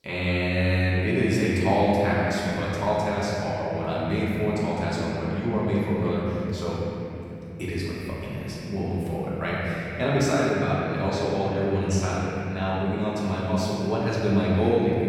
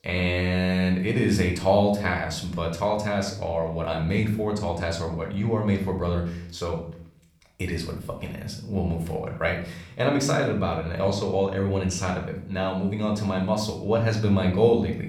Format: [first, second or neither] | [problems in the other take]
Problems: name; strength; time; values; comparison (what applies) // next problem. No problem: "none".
second | room echo; strong; dies away in 3 s; slight in the second // off-mic speech; far; somewhat distant in the second